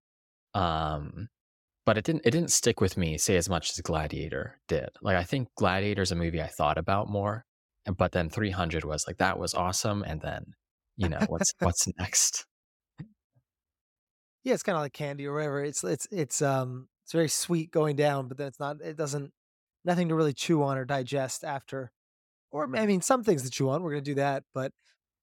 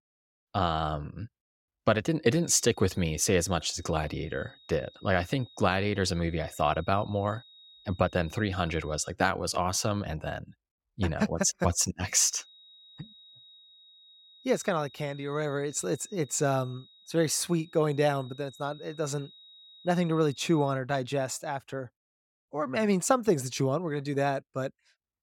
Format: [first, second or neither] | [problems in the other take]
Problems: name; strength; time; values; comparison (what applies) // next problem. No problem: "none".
first | high-pitched whine; faint; from 2.5 to 9 s and from 12 to 21 s; 4 kHz, 25 dB below the speech